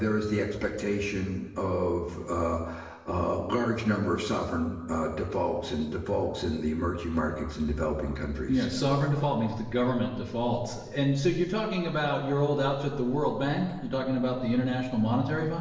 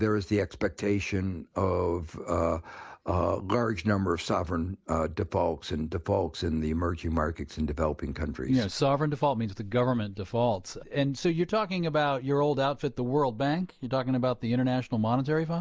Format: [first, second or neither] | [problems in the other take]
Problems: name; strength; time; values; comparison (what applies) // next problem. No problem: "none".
second | room echo; dies away in 1 s